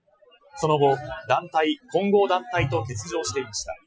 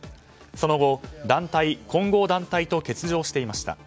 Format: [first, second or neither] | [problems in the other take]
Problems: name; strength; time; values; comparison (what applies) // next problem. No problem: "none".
second | noise reduction (classical method Wiener filter)